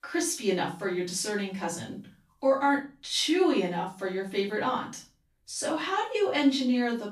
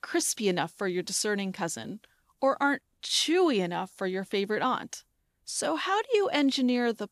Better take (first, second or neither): second